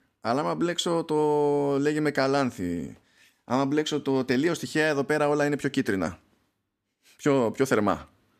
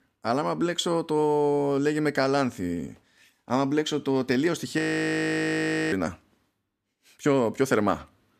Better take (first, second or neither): first